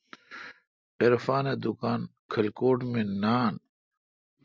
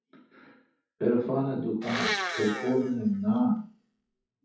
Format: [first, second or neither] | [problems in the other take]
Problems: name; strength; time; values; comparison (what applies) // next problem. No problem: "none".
first | noise reduction (classical method WPE with log-MMSE)